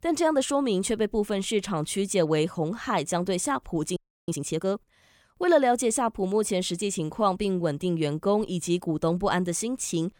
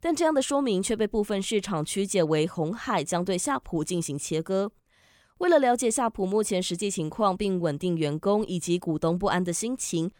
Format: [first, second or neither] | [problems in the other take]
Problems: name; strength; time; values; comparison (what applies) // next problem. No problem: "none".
second | audio freezing; at 4 s